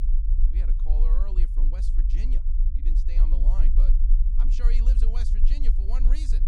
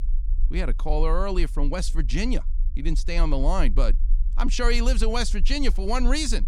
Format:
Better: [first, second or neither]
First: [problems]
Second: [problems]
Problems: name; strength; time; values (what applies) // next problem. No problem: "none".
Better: second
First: low rumble; loud; throughout; 3 dB below the speech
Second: low rumble; faint; throughout; 25 dB below the speech